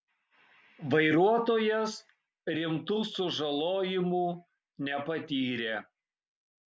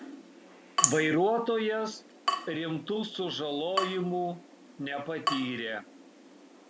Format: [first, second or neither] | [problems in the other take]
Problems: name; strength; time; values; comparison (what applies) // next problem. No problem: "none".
first | background sound (Drip / Water tap, faucet); 4 dB below the speech